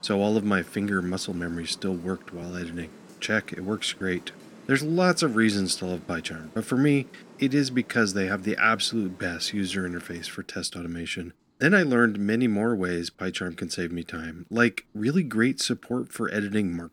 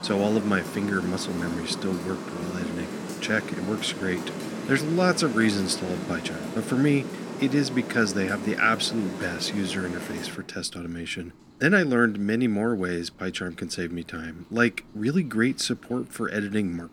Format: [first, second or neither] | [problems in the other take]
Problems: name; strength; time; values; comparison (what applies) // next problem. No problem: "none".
first | rain or running water; loud; throughout; 8 dB below the speech; faint in the first